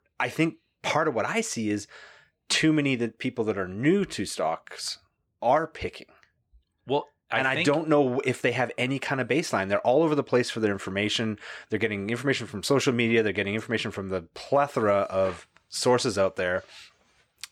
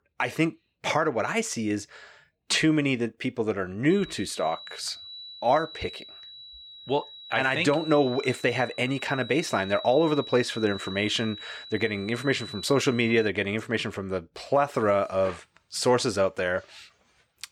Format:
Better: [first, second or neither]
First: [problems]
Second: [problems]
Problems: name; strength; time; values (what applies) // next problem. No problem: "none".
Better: first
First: none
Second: high-pitched whine; noticeable; from 4 to 13 s; 4 kHz, 15 dB below the speech